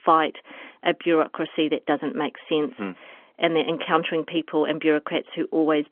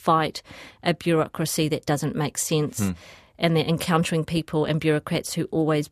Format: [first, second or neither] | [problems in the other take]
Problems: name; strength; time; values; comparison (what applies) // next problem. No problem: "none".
second | phone-call audio; nothing above 3.5 kHz